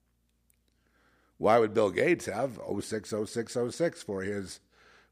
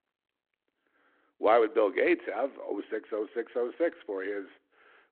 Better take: first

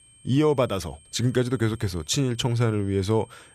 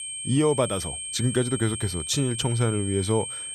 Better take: first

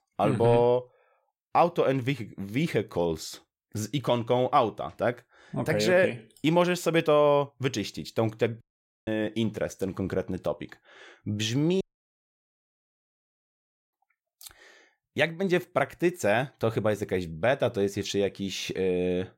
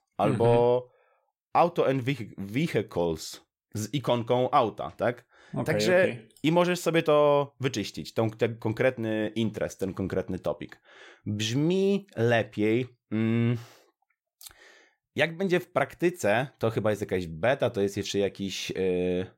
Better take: second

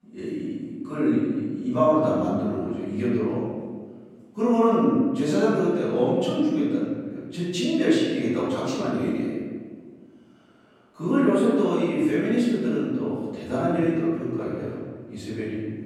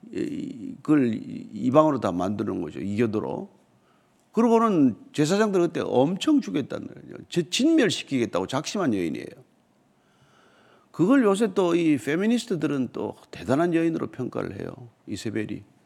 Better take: second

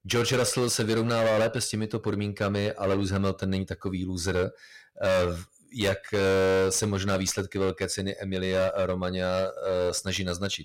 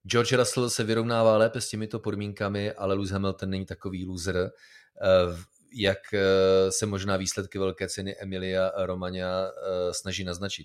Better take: second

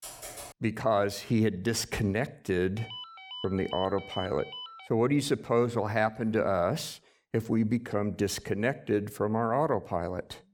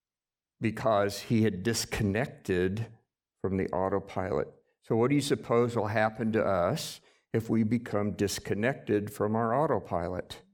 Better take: second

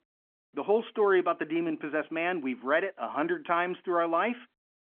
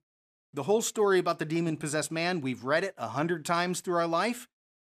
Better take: second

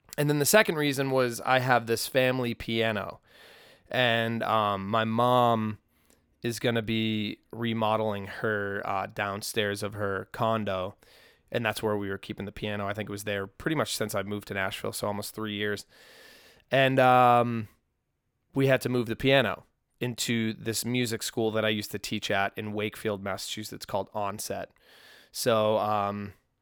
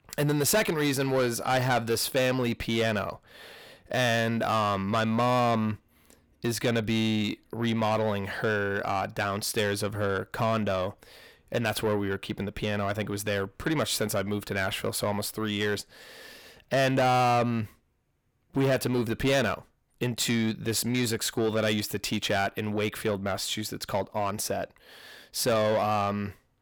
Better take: first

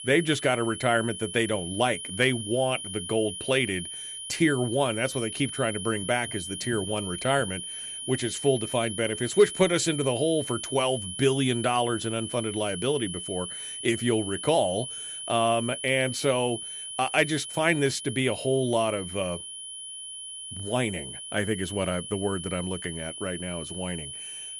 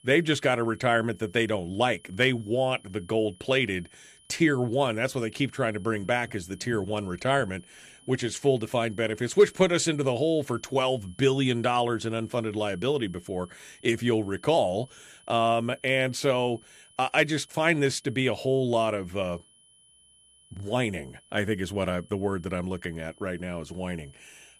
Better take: second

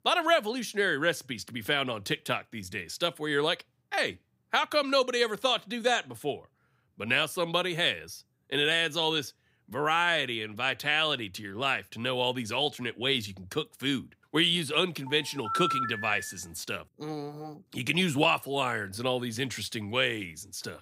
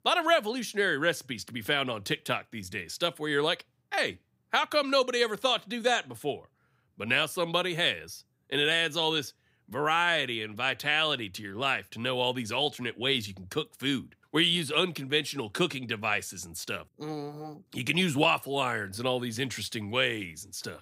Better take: second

